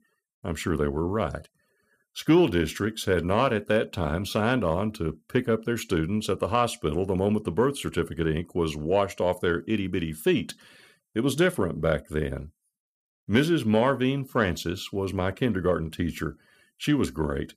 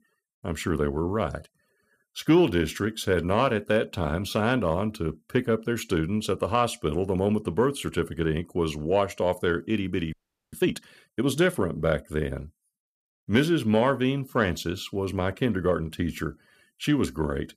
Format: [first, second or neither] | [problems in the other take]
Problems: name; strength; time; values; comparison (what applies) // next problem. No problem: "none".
first | audio freezing; at 10 s